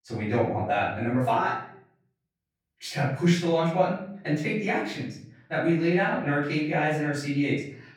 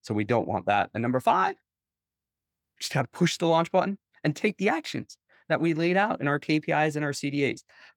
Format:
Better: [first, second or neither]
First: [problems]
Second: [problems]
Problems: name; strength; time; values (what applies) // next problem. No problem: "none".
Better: second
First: off-mic speech; far // room echo; noticeable; dies away in 0.6 s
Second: none